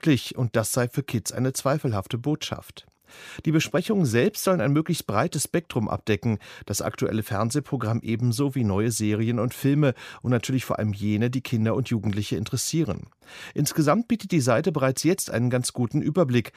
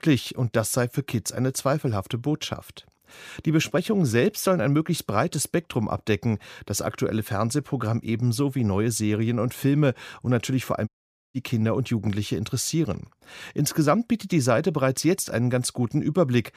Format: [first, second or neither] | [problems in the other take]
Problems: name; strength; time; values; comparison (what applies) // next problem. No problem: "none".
first | audio cutting out; at 11 s